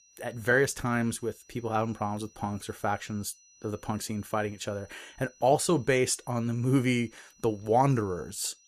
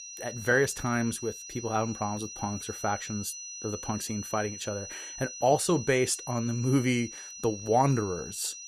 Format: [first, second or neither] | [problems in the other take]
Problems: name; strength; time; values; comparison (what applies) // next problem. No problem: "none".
first | high-pitched whine; loud; throughout; 6 kHz, 10 dB below the speech; faint in the first